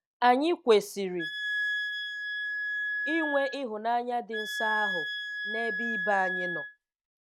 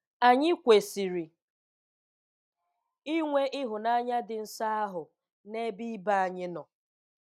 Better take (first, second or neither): second